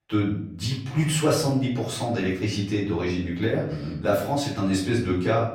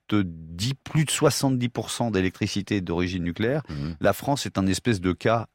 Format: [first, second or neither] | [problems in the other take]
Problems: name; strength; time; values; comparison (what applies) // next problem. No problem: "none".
second | room echo; noticeable; dies away in 0.5 s // off-mic speech; far